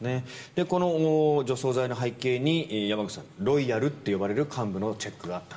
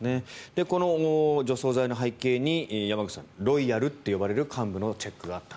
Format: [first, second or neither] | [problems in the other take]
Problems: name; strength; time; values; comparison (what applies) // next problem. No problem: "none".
second | room echo; dies away in 2.7 s